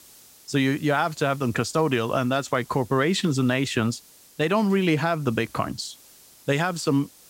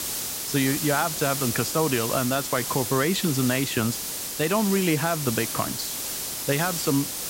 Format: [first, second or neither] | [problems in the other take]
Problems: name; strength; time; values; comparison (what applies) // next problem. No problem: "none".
first | hiss; loud; throughout; 3 dB below the speech; faint in the first